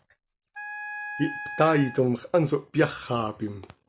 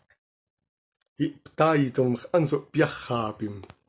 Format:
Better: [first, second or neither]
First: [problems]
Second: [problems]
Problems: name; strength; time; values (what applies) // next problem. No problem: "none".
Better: second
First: background sound (Wind instrument, woodwind instrument); 11 dB below the speech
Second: none